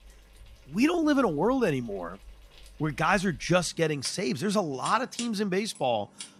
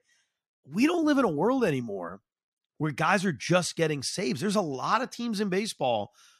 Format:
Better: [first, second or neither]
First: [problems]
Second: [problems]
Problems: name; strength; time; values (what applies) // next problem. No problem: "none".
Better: second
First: household noises; noticeable; throughout; 20 dB below the speech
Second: none